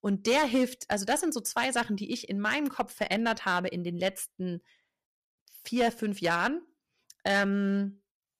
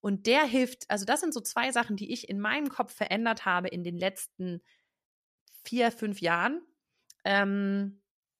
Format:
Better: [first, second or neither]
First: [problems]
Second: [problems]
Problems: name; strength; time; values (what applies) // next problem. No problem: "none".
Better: second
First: distortion; slight; 3% of the sound clipped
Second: none